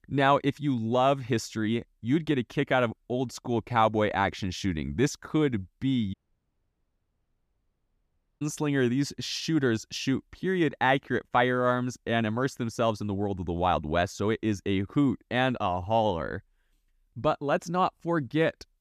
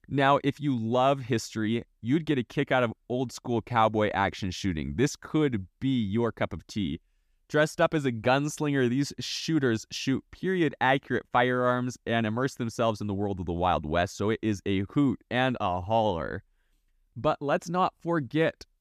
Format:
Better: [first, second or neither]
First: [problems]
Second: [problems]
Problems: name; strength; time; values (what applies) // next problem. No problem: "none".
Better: second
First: audio cutting out; at 6 s for 2.5 s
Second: none